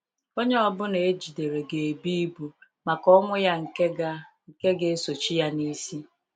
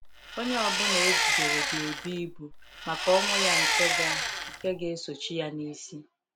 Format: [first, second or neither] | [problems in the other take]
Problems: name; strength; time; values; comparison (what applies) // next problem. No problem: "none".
first | background sound (Engine); 4 dB above the speech